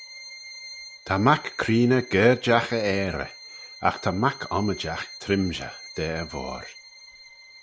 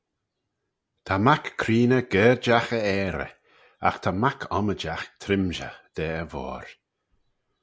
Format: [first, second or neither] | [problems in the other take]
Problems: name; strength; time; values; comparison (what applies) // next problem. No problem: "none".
second | background sound (Bowed string instrument); 17 dB below the speech